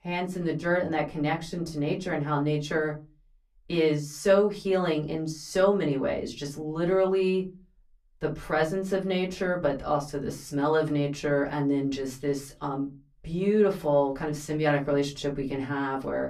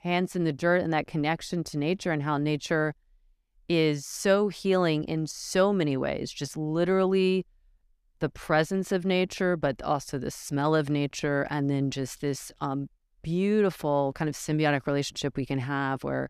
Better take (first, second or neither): second